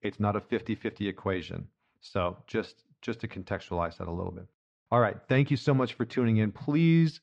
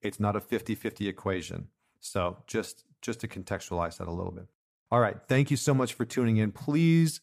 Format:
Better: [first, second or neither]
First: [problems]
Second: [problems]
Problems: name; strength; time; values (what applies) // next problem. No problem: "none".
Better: second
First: muffled; slightly; fading above 4.5 kHz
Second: none